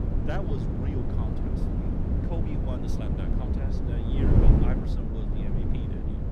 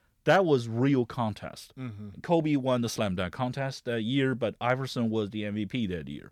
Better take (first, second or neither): second